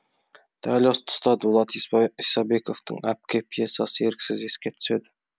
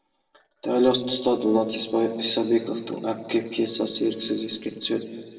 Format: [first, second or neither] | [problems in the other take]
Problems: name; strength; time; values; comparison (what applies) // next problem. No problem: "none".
first | noise reduction (neural separator model SepFormer DNS4)